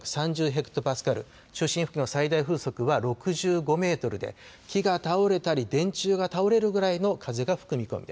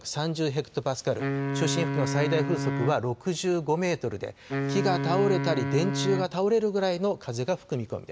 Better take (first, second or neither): first